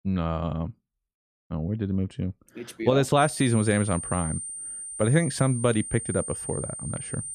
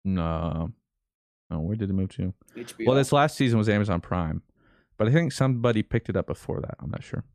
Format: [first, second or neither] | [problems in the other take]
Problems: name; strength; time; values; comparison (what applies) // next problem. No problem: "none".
second | high-pitched whine; loud; from 3 s on; 9 kHz, 7 dB below the speech